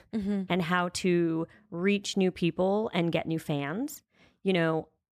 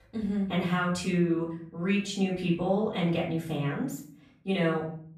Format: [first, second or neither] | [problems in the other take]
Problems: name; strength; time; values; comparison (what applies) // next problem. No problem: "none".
first | off-mic speech; far // room echo; noticeable; dies away in 0.5 s